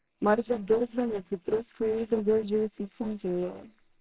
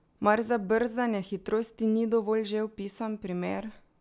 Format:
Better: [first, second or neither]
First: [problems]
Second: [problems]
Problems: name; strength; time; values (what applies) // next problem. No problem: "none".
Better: second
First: noise reduction (neural separator model SepFormer WHAMR!)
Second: none